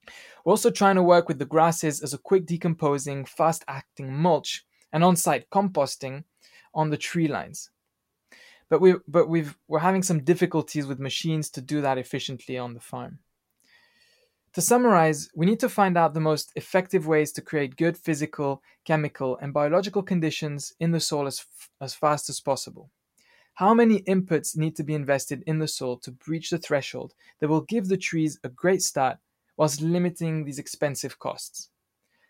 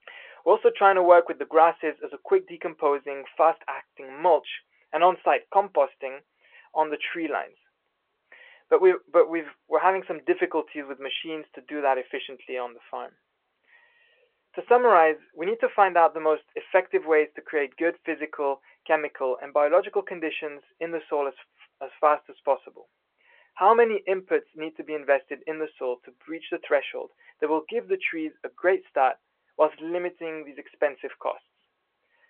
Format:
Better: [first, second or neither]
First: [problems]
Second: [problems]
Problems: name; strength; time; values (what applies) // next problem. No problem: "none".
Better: first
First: none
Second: phone-call audio